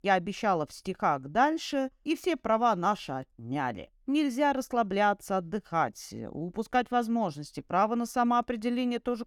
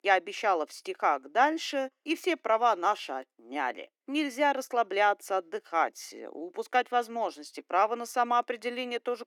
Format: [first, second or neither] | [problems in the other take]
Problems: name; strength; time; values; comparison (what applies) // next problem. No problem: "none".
first | thin; somewhat; fading below 300 Hz